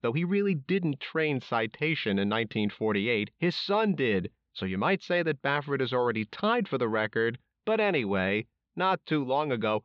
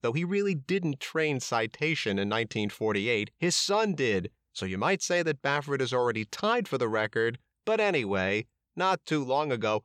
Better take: second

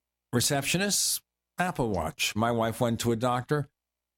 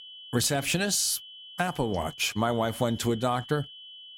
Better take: first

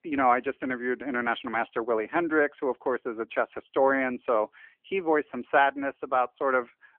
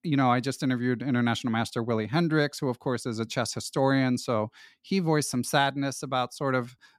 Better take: second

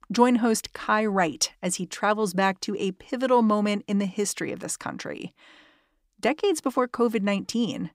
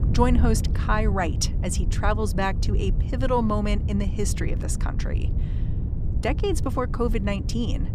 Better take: first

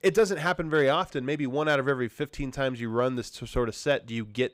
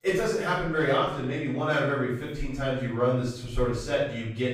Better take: first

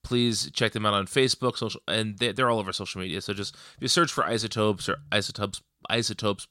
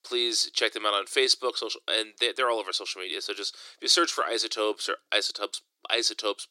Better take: first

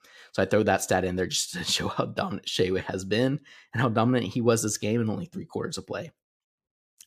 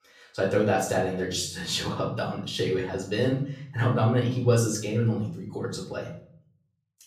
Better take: first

